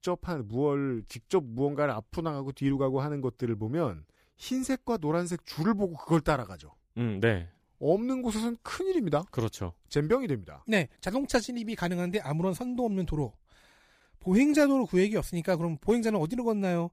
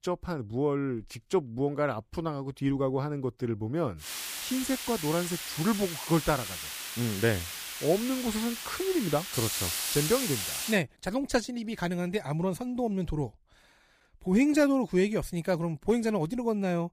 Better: first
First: none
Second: hiss; loud; from 4 to 11 s; 4 dB below the speech

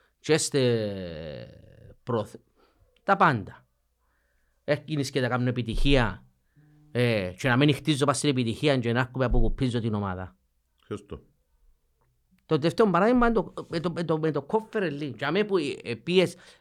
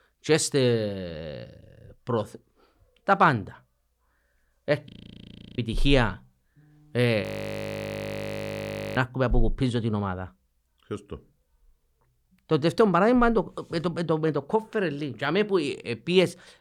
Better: first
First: none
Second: audio freezing; at 5 s for 0.5 s and at 7 s for 1.5 s

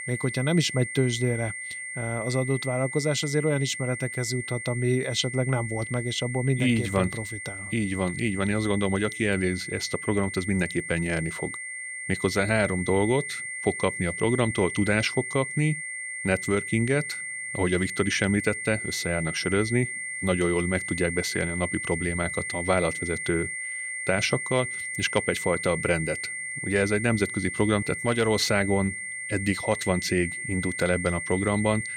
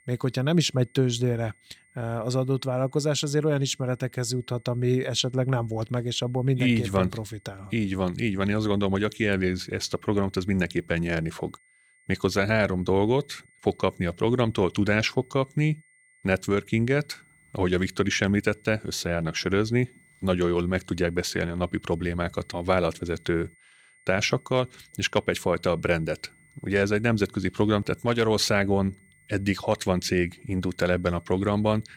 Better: second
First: high-pitched whine; loud; throughout; 2 kHz, 6 dB below the speech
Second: high-pitched whine; faint; throughout; 2 kHz, 30 dB below the speech

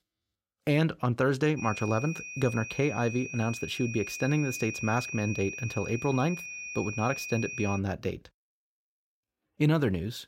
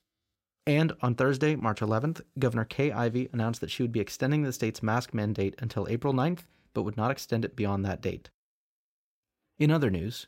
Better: second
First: high-pitched whine; loud; from 1.5 to 8 s; 2.5 kHz, 8 dB below the speech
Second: none

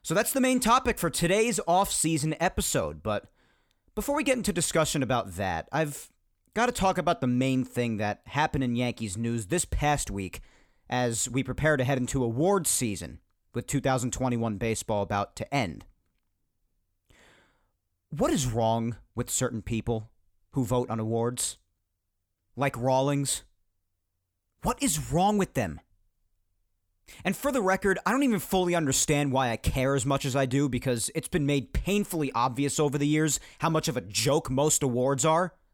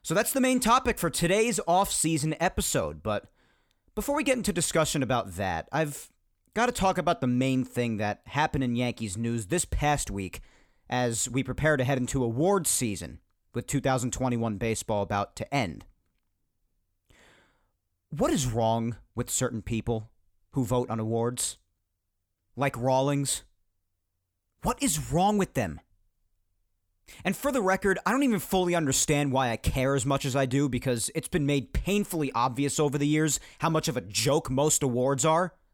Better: neither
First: none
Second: none

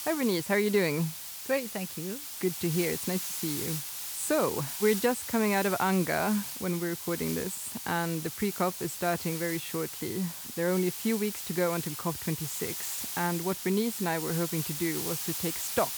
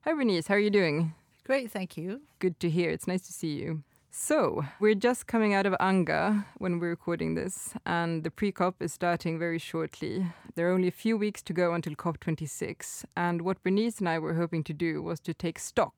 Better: second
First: hiss; loud; throughout; 4 dB below the speech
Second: none

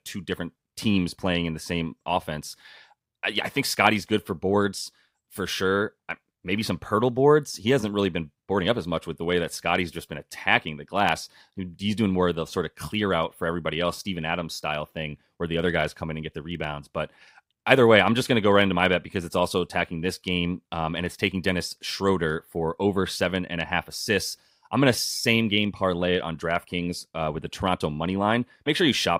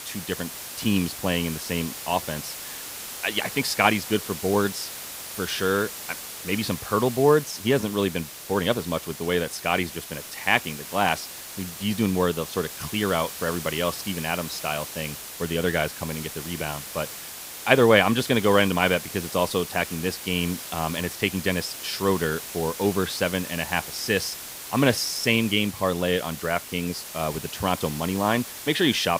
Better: first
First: none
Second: hiss; loud; throughout; 10 dB below the speech

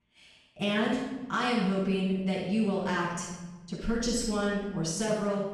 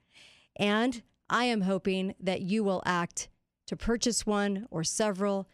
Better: second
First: off-mic speech; far // room echo; strong; dies away in 1.1 s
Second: none

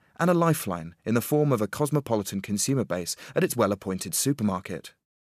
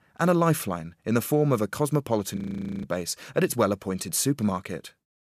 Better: first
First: none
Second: audio freezing; at 2.5 s

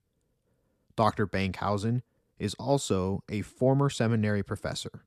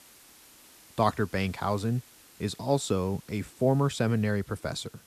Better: first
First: none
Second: hiss; faint; throughout; 25 dB below the speech

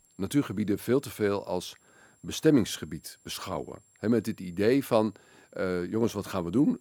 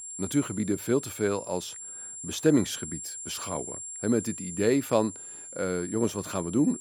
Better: first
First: high-pitched whine; faint; throughout; 7.5 kHz, 35 dB below the speech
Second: high-pitched whine; loud; throughout; 7.5 kHz, 9 dB below the speech

